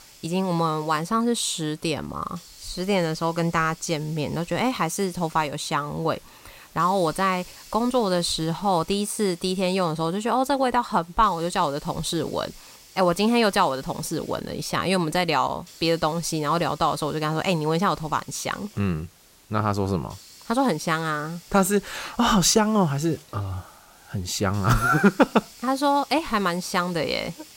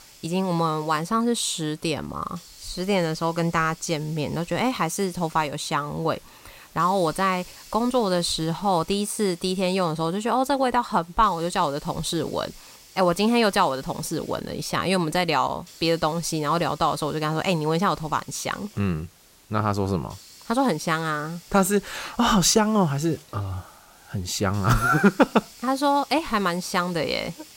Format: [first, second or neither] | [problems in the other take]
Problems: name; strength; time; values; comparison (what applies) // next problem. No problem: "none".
neither | hiss; faint; throughout; 20 dB below the speech; the same in both